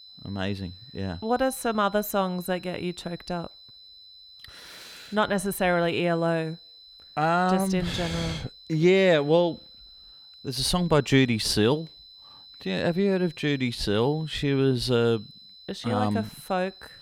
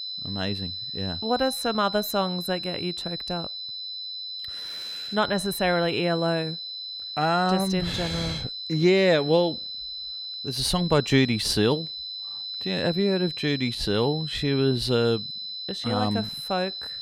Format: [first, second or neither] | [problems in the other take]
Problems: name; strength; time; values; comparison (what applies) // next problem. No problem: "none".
first | high-pitched whine; loud; throughout; 4 kHz, 6 dB below the speech; faint in the first